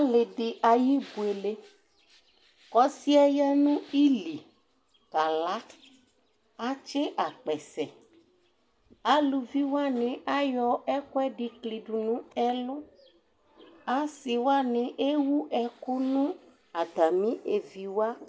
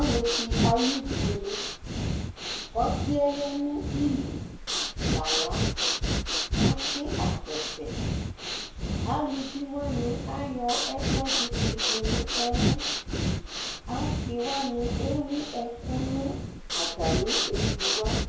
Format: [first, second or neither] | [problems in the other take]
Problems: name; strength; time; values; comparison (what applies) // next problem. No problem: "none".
first | background sound (Breathing); 3 dB above the speech // room echo; dies away in 0.6 s